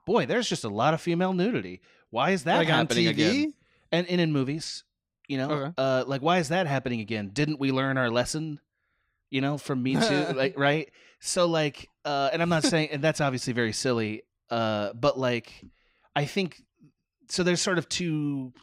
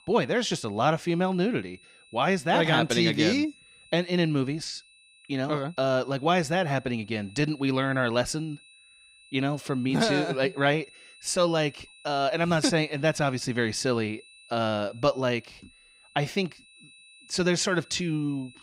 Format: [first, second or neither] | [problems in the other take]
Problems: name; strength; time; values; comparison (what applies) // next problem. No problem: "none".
first | high-pitched whine; faint; throughout; 2.5 kHz, 25 dB below the speech